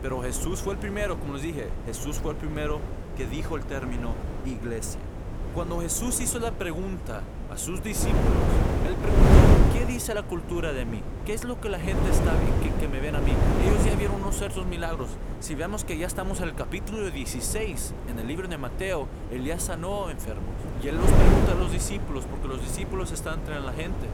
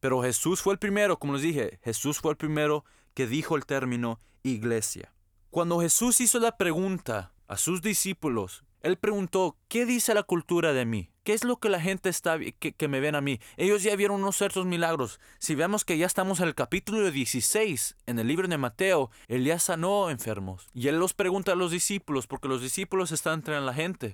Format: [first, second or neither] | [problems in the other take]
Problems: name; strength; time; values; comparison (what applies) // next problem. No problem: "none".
second | wind noise on the microphone; heavy; as loud as the speech